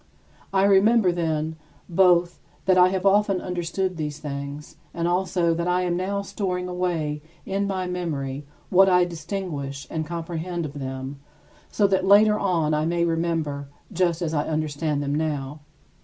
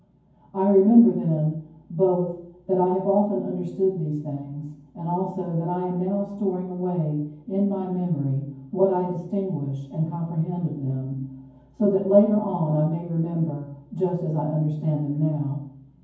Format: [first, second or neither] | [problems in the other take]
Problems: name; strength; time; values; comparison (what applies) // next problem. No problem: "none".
first | room echo; dies away in 0.9 s